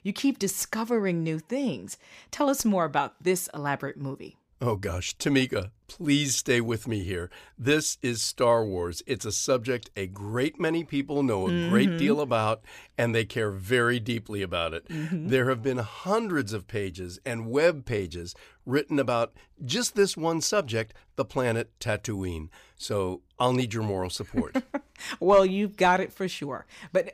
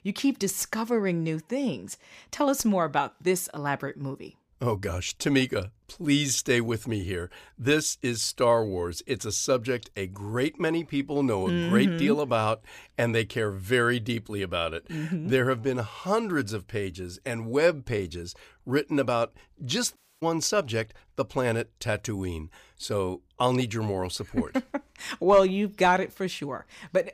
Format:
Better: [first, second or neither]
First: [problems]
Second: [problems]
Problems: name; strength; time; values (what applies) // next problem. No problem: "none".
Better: first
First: none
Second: audio cutting out; at 20 s